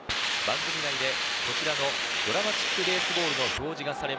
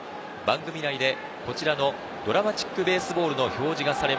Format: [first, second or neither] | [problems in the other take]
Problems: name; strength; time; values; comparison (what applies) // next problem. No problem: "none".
second | background sound (Hiss); 4 dB above the speech